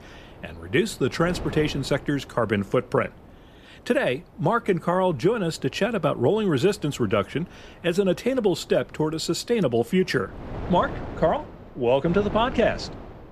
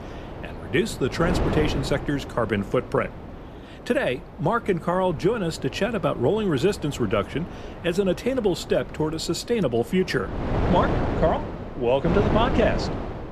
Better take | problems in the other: first | wind noise on the microphone; heavy; 8 dB below the speech; occasional gusts in the first

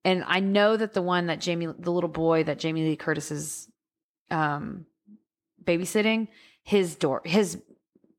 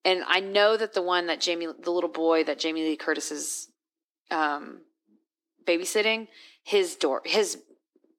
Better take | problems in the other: first | thin; somewhat; fading below 300 Hz

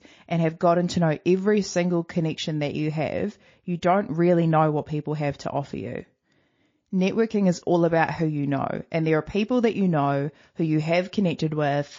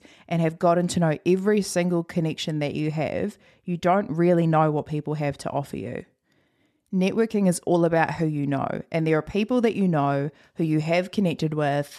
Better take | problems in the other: second | garbled, watery; slightly

